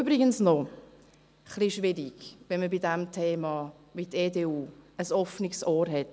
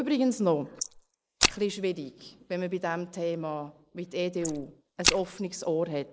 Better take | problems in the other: first | noise reduction (neural mask model Resemble Enhance denoiser)

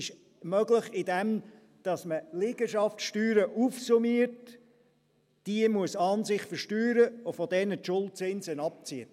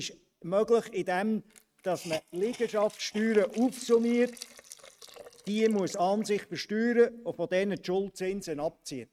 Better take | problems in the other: first | noise reduction (neural mask model RNNoise)

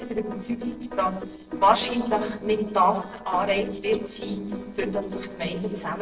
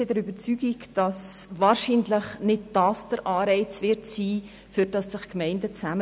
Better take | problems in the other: second | noise reduction (neural separator model SepFormer DNS4)

